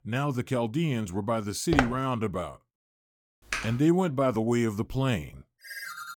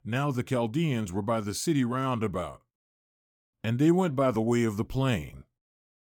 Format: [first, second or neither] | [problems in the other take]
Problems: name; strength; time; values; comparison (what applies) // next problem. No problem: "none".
second | footsteps; noticeable; at 1.5 s; peak level with the speech // keyboard typing; noticeable; at 3.5 s; peak 6 dB below the speech // phone ringing; noticeable; at 5.5 s; peak 10 dB below the speech